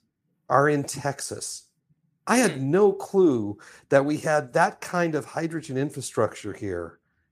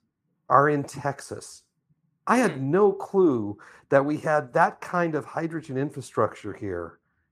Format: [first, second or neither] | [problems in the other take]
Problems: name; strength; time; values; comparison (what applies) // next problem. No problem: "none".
first | muffled; slightly; fading above 3 kHz